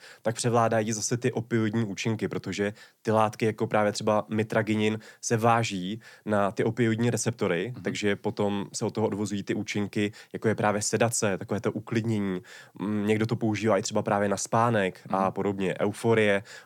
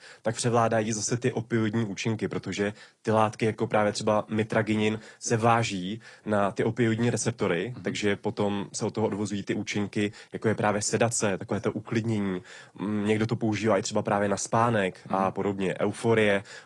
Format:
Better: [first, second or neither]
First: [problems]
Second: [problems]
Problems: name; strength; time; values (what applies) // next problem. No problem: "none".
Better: first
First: none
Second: garbled, watery; slightly